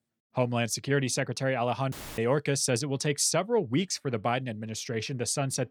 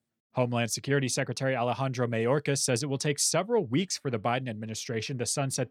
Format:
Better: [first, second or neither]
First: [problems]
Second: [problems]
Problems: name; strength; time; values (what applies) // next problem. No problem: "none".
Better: second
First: audio cutting out; filled with static; at 2 s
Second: none